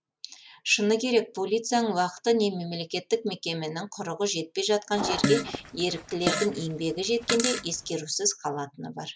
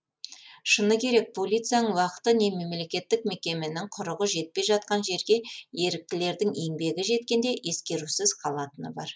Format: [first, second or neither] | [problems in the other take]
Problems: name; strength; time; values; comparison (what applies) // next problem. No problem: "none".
second | background sound (Fart); 3 dB below the speech